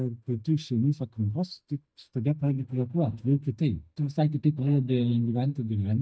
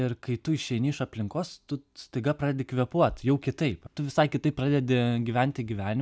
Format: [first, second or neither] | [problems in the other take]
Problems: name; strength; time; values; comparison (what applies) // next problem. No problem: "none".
second | noise reduction (neural mask model DeepFilterNet 3)